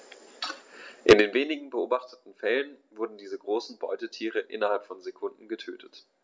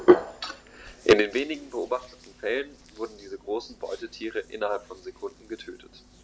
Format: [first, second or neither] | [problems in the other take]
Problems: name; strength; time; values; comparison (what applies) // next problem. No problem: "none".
first | background sound (Hands); 1 dB below the speech